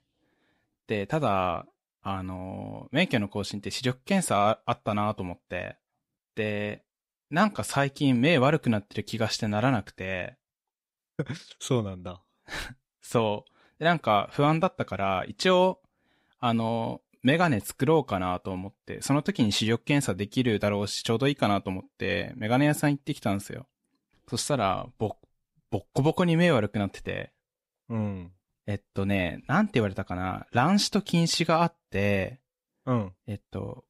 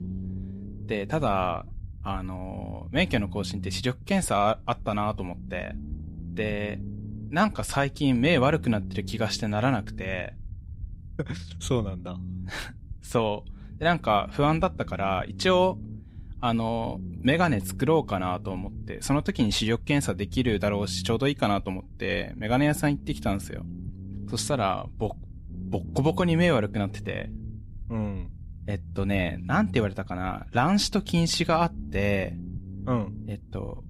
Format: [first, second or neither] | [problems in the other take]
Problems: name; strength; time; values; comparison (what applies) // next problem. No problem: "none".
first | low rumble; faint; throughout; 20 dB below the speech